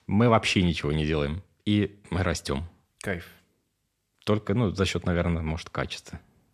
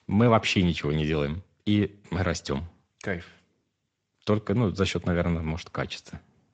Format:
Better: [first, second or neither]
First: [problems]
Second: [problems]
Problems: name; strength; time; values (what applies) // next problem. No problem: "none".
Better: first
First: none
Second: garbled, watery; slightly; nothing above 7.5 kHz